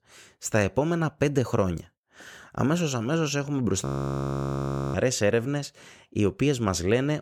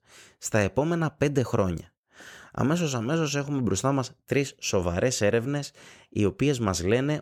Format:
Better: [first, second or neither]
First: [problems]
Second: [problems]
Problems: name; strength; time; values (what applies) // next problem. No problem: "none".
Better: second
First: audio freezing; at 4 s for 1 s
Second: none